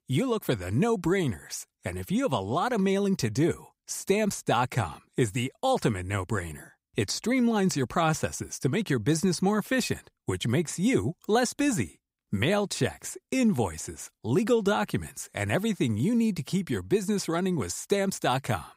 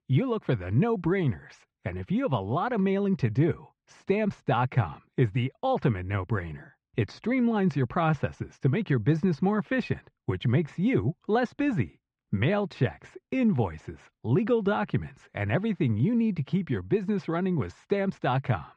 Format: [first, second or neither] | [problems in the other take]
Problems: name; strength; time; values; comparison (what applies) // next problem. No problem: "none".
first | muffled; very; fading above 3 kHz